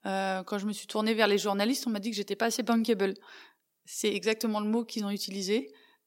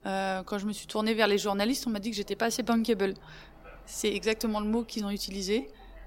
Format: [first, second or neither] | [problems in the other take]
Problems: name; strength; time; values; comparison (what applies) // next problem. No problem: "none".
first | train or aircraft noise; faint; throughout; 25 dB below the speech